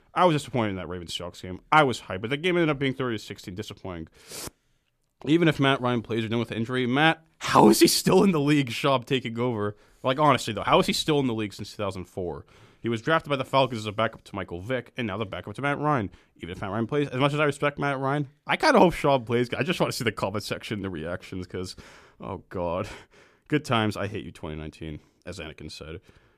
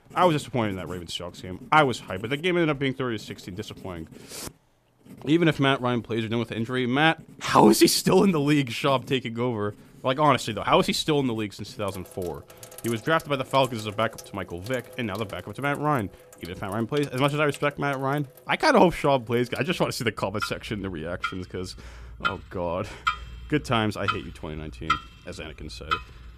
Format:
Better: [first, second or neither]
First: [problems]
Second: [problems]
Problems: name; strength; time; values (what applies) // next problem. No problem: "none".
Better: first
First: none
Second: household noises; noticeable; throughout; 10 dB below the speech